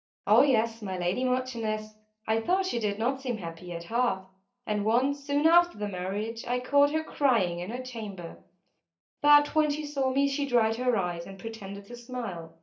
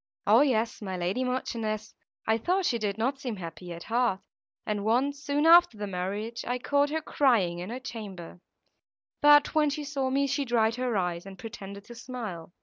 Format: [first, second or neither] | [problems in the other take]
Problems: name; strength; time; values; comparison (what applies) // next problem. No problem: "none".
second | room echo; dies away in 0.3 s